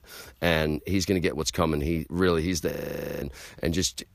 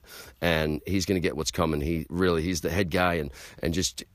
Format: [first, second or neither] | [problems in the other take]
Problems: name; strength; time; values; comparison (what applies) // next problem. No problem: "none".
second | audio freezing; at 2.5 s for 0.5 s